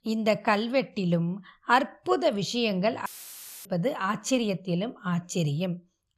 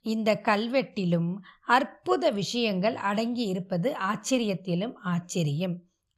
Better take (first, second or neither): second